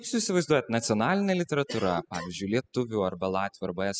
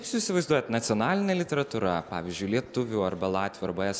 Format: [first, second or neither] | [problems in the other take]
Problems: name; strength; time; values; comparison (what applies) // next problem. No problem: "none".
second | noise reduction (classical method spectral subtraction)